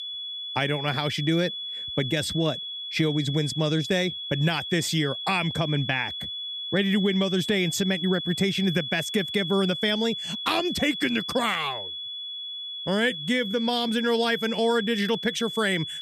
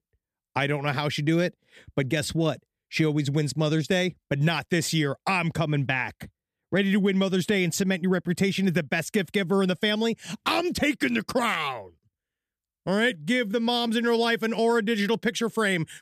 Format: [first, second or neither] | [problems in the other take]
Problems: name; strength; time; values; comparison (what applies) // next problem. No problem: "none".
second | high-pitched whine; loud; throughout; 3.5 kHz, 6 dB below the speech